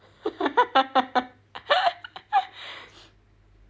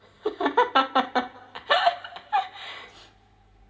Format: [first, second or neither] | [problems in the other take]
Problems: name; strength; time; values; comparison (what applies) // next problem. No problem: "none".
first | room echo; dies away in 1.8 s